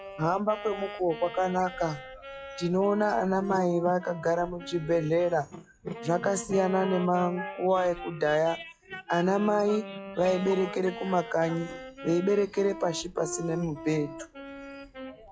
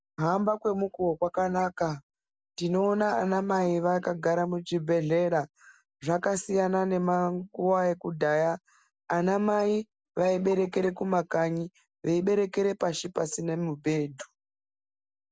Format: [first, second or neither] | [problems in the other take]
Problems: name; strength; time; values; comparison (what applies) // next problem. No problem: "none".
second | noise reduction (classical method log-MMSE)